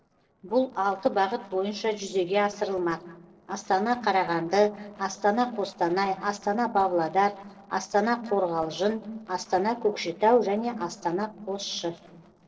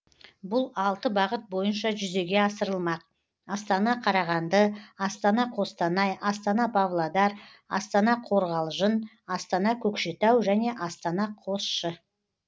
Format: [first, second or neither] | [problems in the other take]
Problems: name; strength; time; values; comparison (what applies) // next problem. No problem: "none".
second | noise reduction (neural separator model SepFormer DNS4)